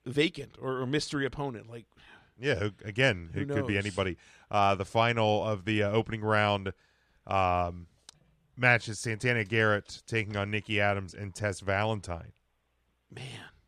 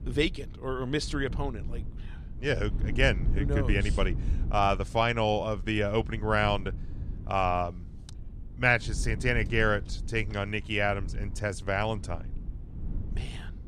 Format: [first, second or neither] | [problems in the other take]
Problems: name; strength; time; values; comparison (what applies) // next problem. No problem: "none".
first | low rumble; faint; throughout; 20 dB below the speech